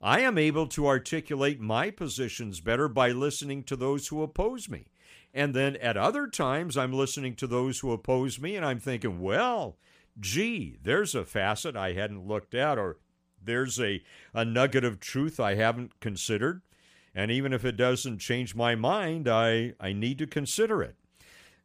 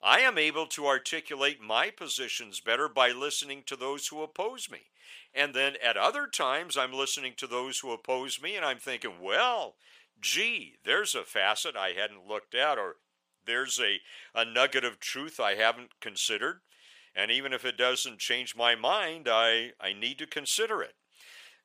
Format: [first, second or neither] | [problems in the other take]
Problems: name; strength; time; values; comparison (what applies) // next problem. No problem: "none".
first | thin; very; fading below 600 Hz